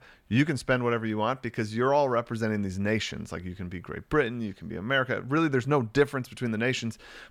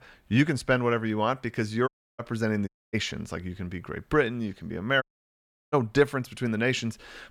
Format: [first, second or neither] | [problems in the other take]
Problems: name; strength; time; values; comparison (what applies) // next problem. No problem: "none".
first | audio cutting out; at 2 s, at 2.5 s and at 5 s for 0.5 s